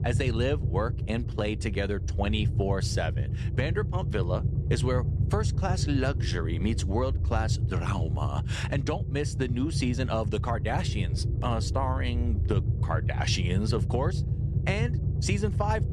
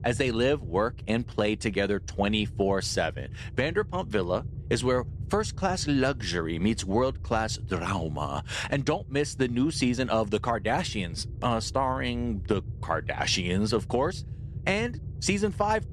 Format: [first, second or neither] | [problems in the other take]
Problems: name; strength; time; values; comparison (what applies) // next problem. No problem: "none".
second | low rumble; loud; throughout; 10 dB below the speech; faint in the second